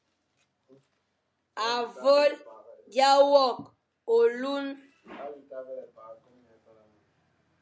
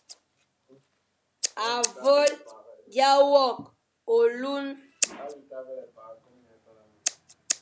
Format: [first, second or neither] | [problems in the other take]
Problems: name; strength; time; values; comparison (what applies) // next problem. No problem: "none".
first | background sound (Scissors); 10 dB below the speech